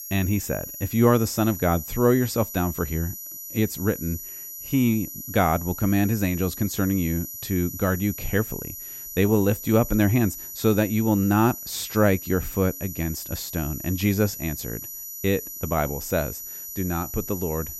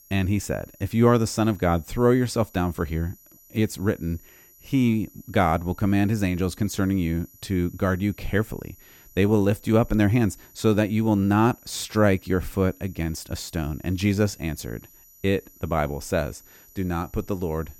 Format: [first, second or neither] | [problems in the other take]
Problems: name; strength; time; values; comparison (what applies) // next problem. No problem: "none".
second | high-pitched whine; loud; throughout; 12 kHz, 9 dB below the speech; faint in the second